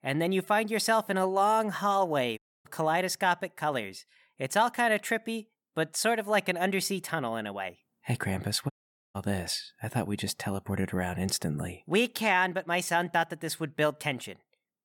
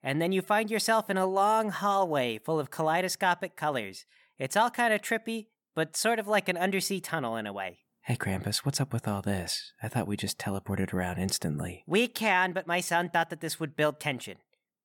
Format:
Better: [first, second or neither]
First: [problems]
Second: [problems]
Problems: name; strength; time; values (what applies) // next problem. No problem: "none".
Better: second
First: audio cutting out; at 2.5 s and at 8.5 s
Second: none